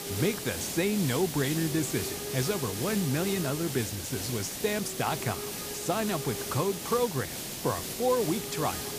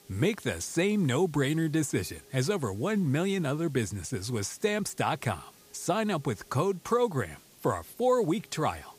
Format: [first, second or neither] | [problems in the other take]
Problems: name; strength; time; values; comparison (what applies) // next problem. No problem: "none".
second | hiss; loud; throughout; 4 dB below the speech; faint in the second